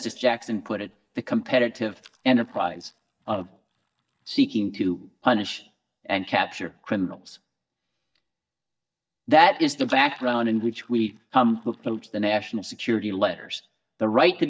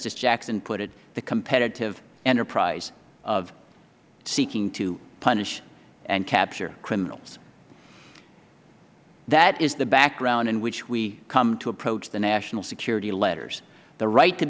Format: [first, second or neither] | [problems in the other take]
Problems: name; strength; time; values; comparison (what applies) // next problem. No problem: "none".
second | noise reduction (neural mask model DeepFilterNet 3)